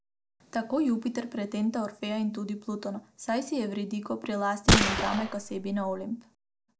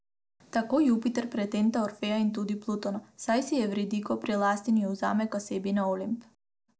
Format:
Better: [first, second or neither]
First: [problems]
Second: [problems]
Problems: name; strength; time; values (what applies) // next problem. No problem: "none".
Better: second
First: background sound (Gunshot, gunfire); 5 dB above the speech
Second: none